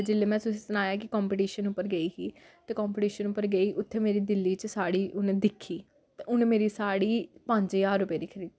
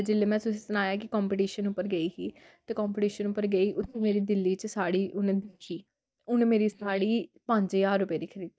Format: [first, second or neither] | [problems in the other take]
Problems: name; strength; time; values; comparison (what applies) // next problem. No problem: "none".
first | noise reduction (neural mask model DeepFilterNet 3)